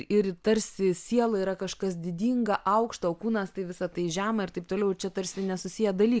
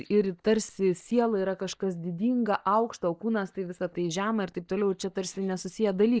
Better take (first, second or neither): first